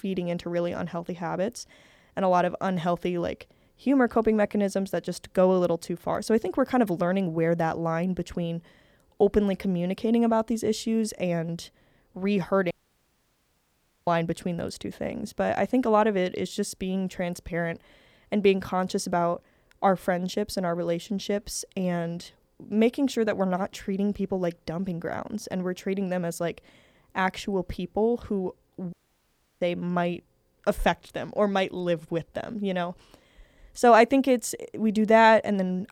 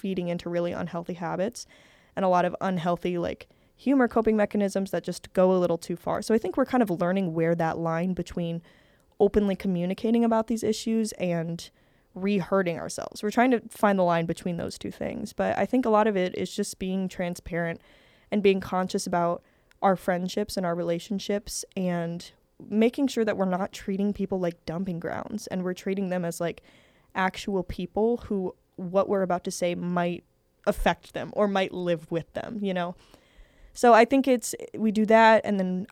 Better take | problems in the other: second | audio cutting out; at 13 s for 1.5 s and at 29 s for 0.5 s

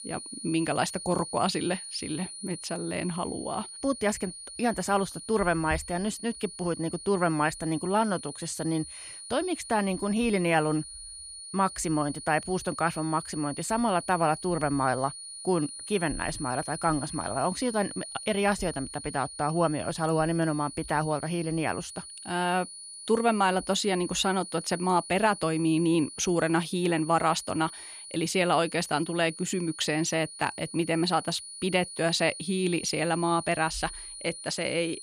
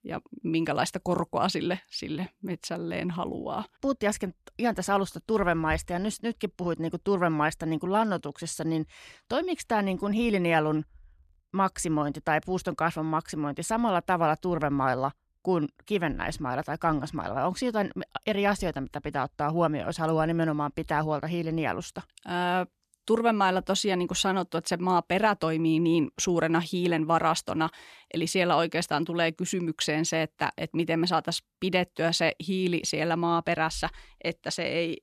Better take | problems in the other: second | high-pitched whine; noticeable; throughout; 9.5 kHz, 10 dB below the speech

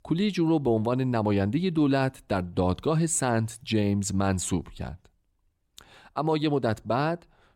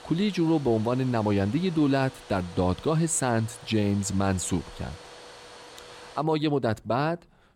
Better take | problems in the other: first | household noises; noticeable; throughout; 20 dB below the speech

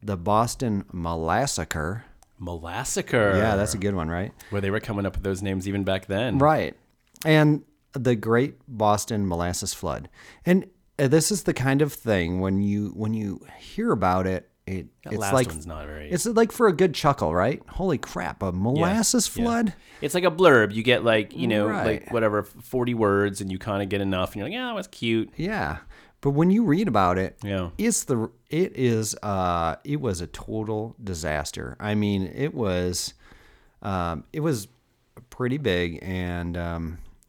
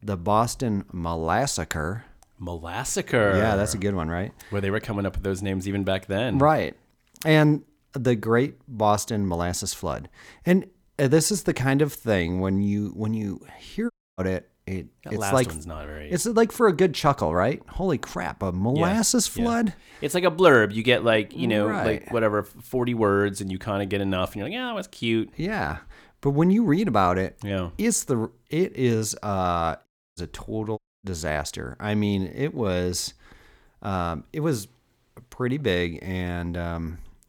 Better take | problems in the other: first | audio cutting out; at 14 s, at 30 s and at 31 s

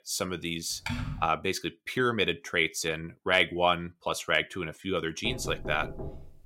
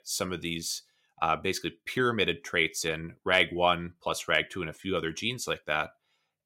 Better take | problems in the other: second | keyboard typing; noticeable; at 1 s; peak 5 dB below the speech // door banging; noticeable; from 5 s on; peak 10 dB below the speech

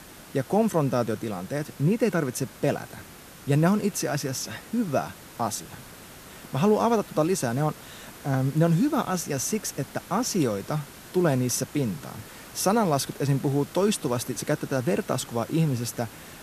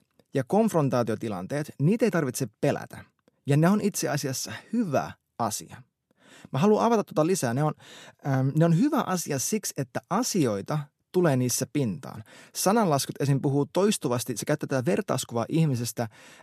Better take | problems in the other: second | hiss; noticeable; throughout; 20 dB below the speech

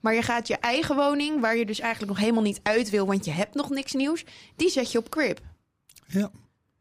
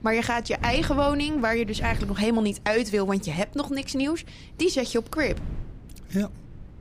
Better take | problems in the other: first | wind noise on the microphone; occasional gusts; 20 dB below the speech

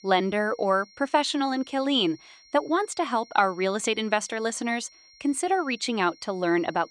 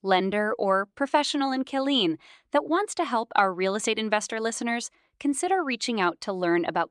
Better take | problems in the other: second | high-pitched whine; faint; throughout; 5.5 kHz, 25 dB below the speech

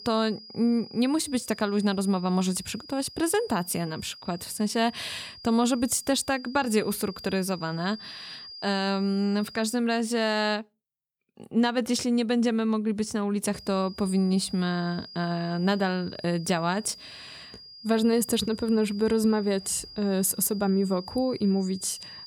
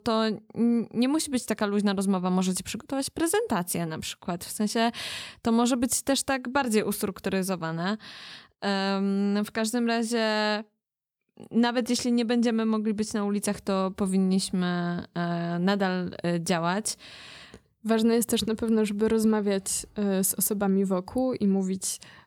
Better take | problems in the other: second | high-pitched whine; noticeable; until 10 s and from 14 s on; 5 kHz, 15 dB below the speech

